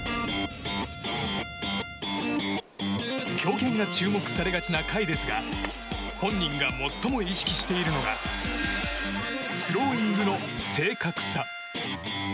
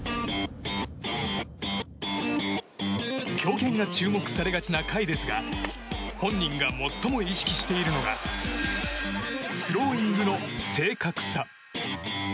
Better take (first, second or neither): second